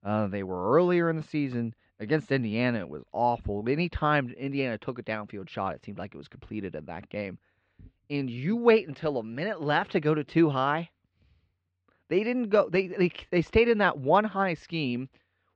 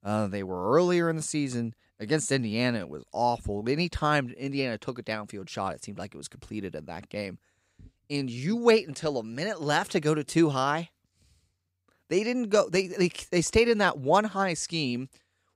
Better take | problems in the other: second | muffled; slightly; fading above 3.5 kHz

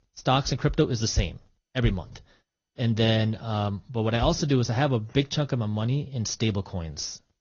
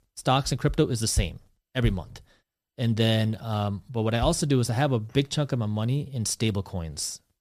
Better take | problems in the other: second | garbled, watery; slightly; nothing above 6.5 kHz

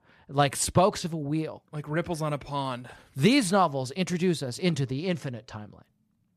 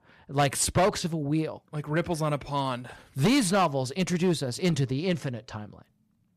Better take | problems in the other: first | distortion; slight; 4% of the sound clipped

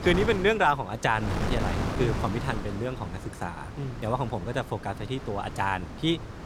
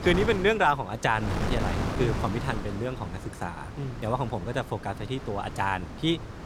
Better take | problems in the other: neither | wind noise on the microphone; heavy; 9 dB below the speech; the same in both

